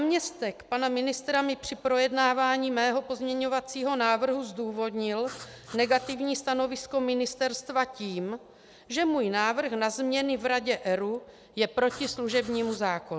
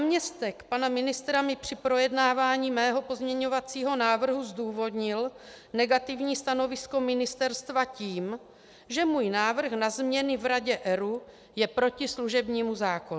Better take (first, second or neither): second